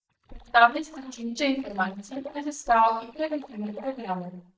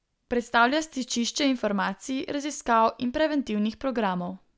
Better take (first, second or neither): second